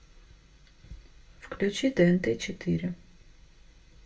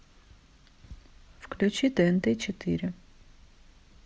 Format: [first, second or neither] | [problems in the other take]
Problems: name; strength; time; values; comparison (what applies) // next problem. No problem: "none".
second | room echo; dies away in 0.2 s